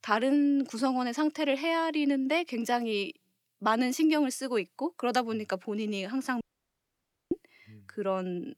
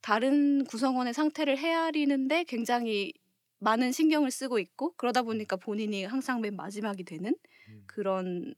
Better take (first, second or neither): second